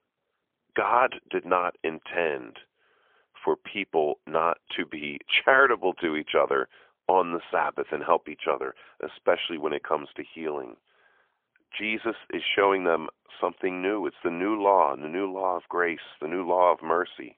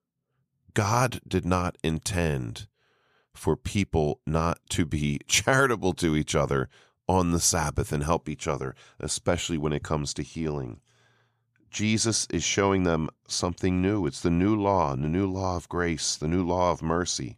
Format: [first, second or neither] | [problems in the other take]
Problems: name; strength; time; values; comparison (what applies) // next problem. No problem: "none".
second | phone-call audio; poor line; nothing above 3.5 kHz